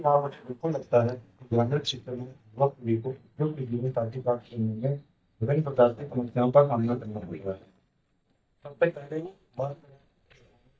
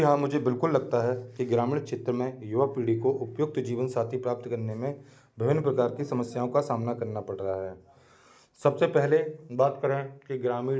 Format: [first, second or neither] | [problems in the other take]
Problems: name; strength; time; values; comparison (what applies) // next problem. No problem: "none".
second | noise reduction (neural mask model DeepFilterNet 3)